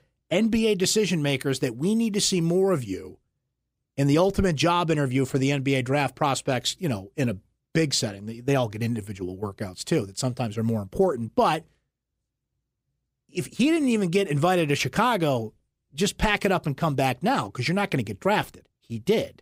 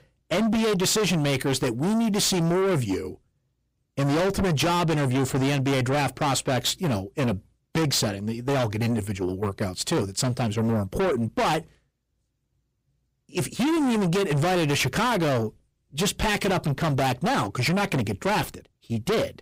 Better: first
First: none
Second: distortion; heavy; 6 dB below the speech

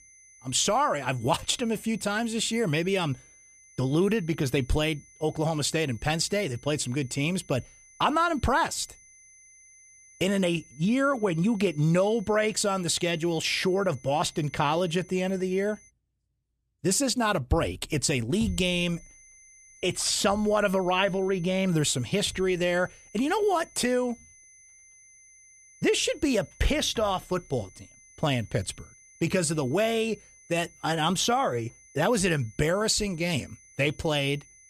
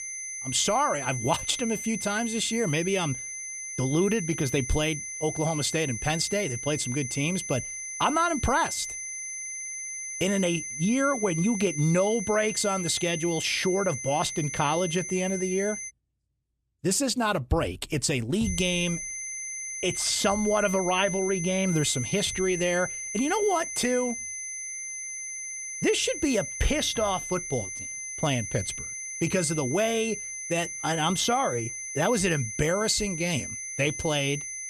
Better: first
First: high-pitched whine; faint; until 16 s and from 18 s on; 6 kHz, 25 dB below the speech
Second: high-pitched whine; loud; until 16 s and from 18 s on; 6 kHz, 6 dB below the speech

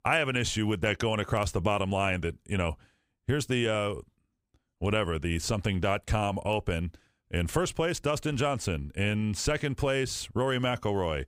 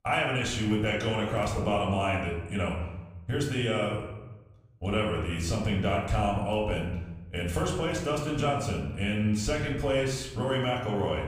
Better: first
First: none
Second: off-mic speech; far // room echo; noticeable; dies away in 0.9 s

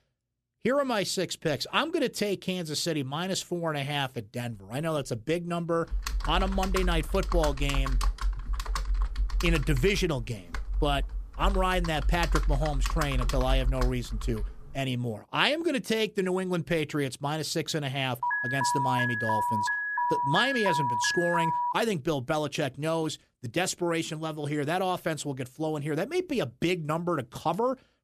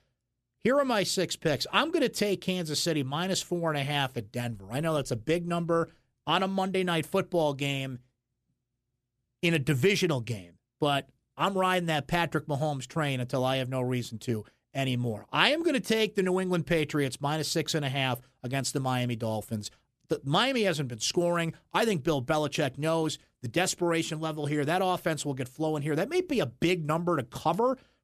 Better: second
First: keyboard typing; noticeable; from 6 to 15 s; peak level with the speech // alarm; loud; from 18 to 22 s; peak 2 dB above the speech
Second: none

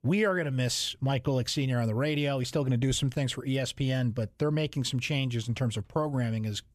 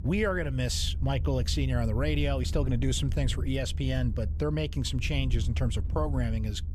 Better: first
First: none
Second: low rumble; noticeable; throughout; 15 dB below the speech

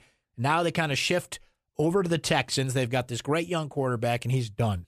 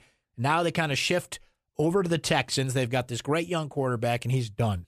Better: neither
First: none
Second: none

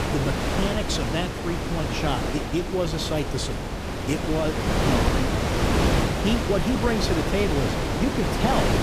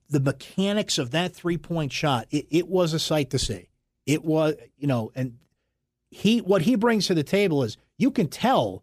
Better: second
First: wind noise on the microphone; heavy; 2 dB above the speech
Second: none

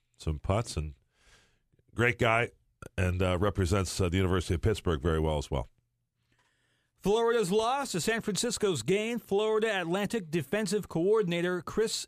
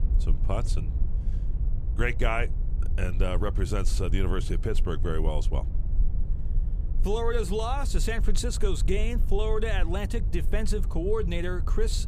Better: first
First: none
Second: low rumble; noticeable; throughout; 15 dB below the speech

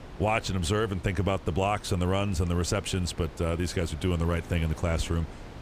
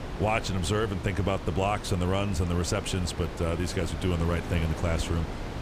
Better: first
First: wind noise on the microphone; occasional gusts; 15 dB below the speech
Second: wind noise on the microphone; heavy; 8 dB below the speech

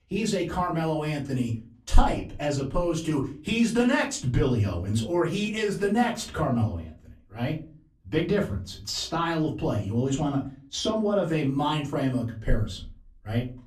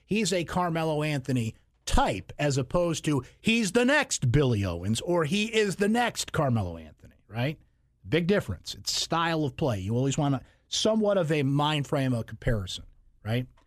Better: second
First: off-mic speech; far // room echo; very slight; dies away in 0.3 s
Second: none

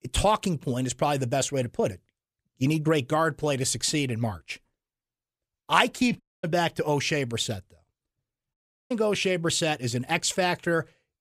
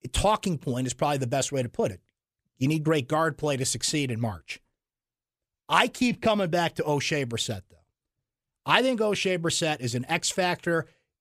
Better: second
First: audio cutting out; at 6 s and at 8.5 s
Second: none

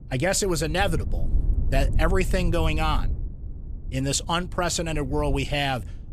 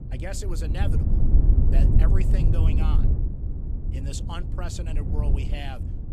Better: first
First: low rumble; faint; throughout; 20 dB below the speech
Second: low rumble; loud; throughout; 1 dB below the speech

